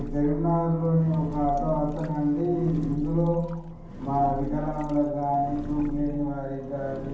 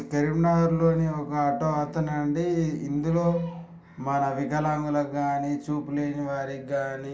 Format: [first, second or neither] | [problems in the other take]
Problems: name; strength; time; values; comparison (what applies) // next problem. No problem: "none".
second | background sound (Engine); 11 dB below the speech // room echo; dies away in 1.2 s